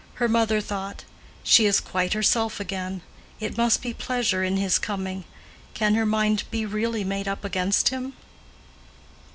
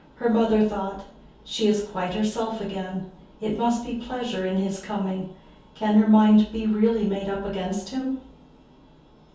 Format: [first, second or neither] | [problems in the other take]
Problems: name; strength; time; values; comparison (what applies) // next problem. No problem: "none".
first | room echo; dies away in 0.6 s